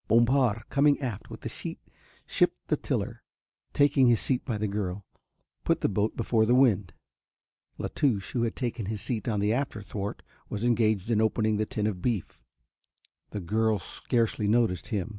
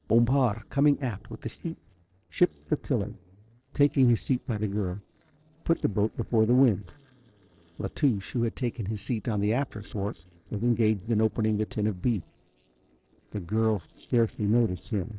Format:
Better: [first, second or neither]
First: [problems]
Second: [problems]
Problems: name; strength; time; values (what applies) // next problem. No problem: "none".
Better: first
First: none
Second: noise reduction (neural separator model SepFormer DNS4)